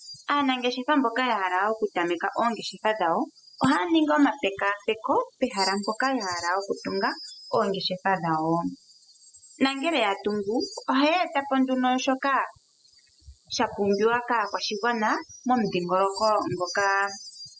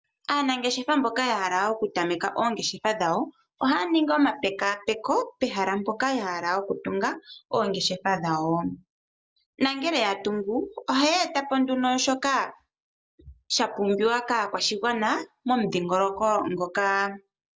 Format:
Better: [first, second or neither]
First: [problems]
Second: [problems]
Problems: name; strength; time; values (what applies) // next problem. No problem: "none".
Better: second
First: noise reduction (classical method spectral subtraction)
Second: none